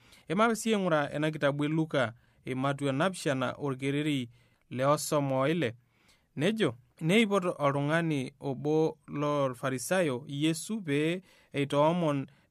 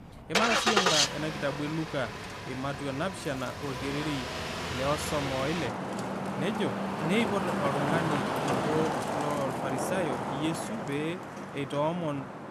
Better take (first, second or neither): first